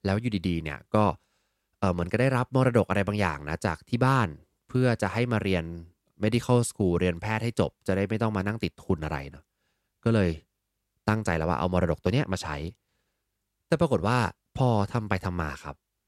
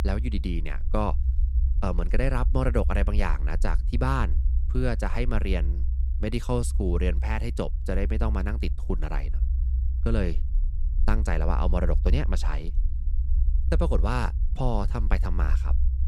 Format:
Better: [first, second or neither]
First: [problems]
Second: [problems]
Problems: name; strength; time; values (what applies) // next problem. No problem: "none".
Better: first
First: none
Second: low rumble; noticeable; throughout; 15 dB below the speech